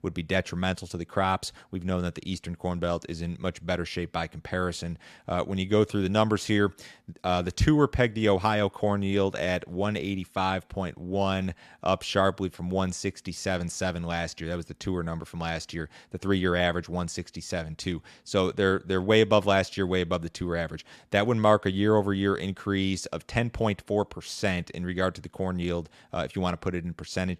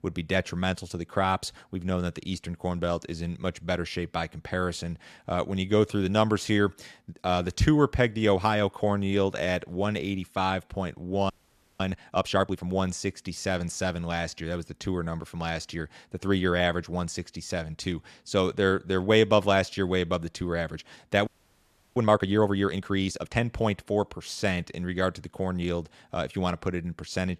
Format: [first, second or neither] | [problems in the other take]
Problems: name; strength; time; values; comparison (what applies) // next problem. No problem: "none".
first | audio freezing; at 11 s for 0.5 s and at 21 s for 0.5 s